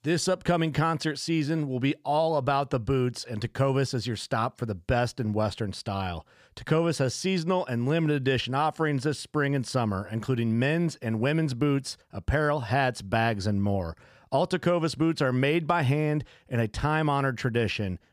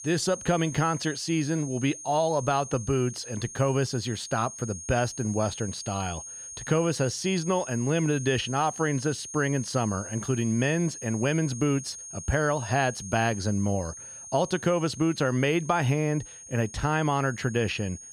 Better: first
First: none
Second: high-pitched whine; noticeable; throughout; 6.5 kHz, 10 dB below the speech

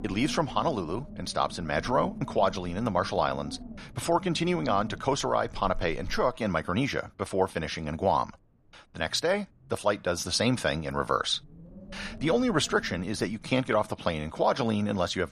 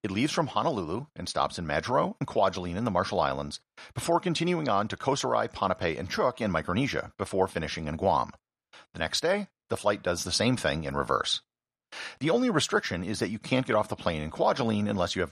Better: second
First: wind noise on the microphone; occasional gusts; 20 dB below the speech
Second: none

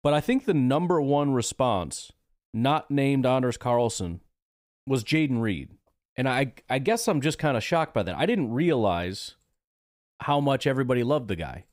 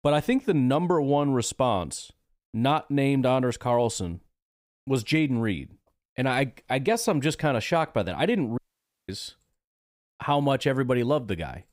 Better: first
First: none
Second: audio cutting out; at 8.5 s for 0.5 s

